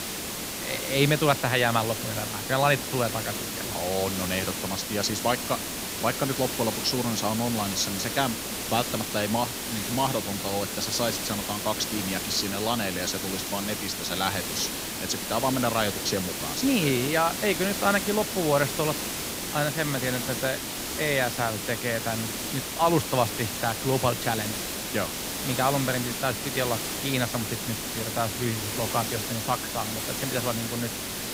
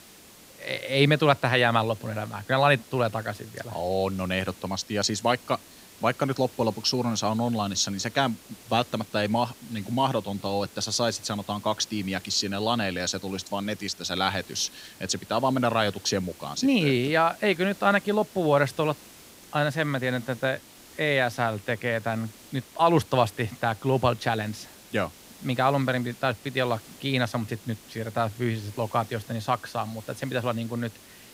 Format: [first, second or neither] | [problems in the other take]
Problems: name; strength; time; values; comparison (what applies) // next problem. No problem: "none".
second | hiss; loud; throughout; 2 dB below the speech; faint in the second